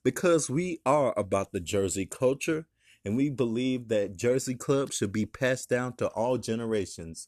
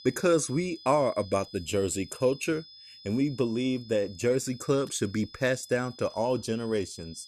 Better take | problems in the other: first | high-pitched whine; noticeable; throughout; 5 kHz, 20 dB below the speech

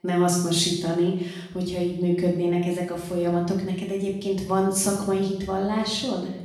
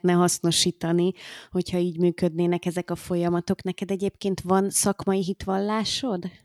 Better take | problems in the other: second | off-mic speech; far // room echo; noticeable; dies away in 0.8 s

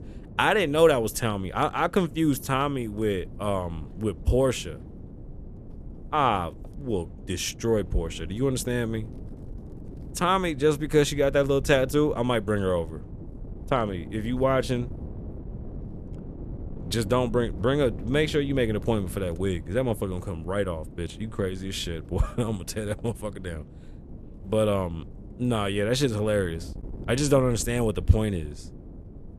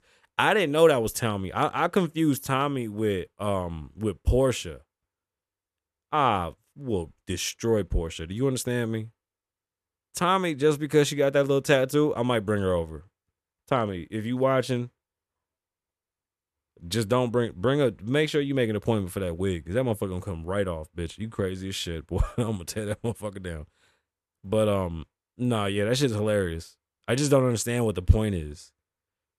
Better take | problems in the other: second | wind noise on the microphone; occasional gusts; 20 dB below the speech

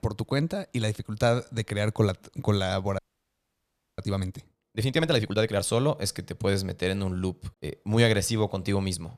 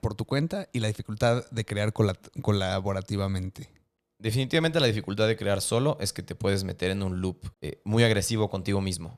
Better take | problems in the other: second | audio freezing; at 3 s for 1 s

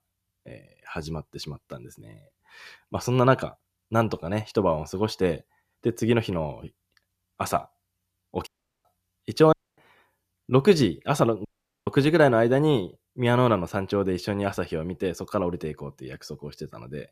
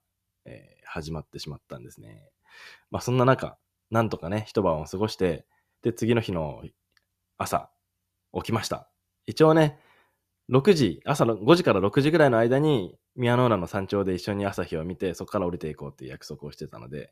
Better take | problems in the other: second | audio cutting out; at 8.5 s, at 9.5 s and at 11 s

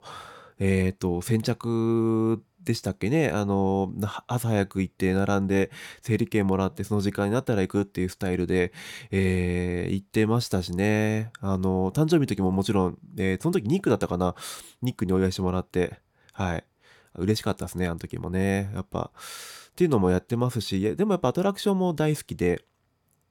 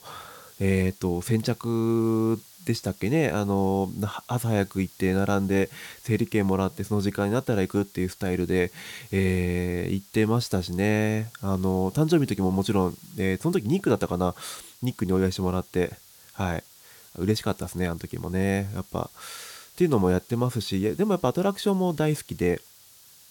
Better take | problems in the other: first | hiss; faint; throughout; 25 dB below the speech

